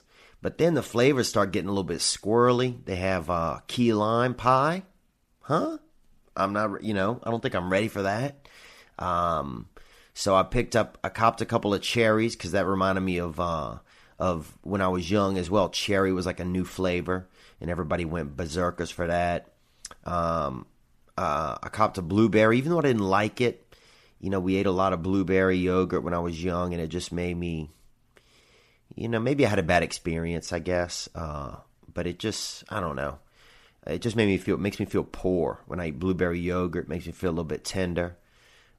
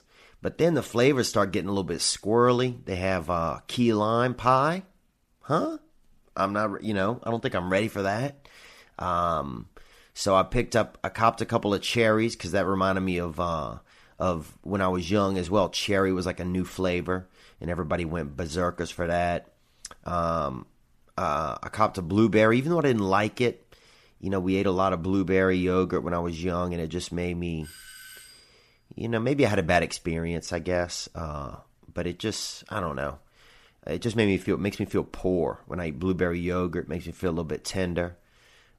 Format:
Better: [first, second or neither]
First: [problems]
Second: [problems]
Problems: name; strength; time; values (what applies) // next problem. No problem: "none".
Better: first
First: none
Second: doorbell; faint; at 28 s; peak 15 dB below the speech